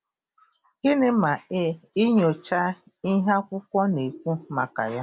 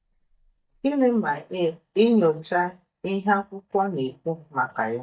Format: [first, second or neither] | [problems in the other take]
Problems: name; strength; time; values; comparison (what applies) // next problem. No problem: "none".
first | noise reduction (neural mask model DeepFilterNet 3)